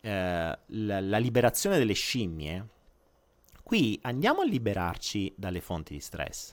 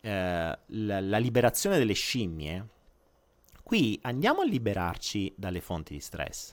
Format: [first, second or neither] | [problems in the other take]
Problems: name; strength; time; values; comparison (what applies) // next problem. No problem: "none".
neither | none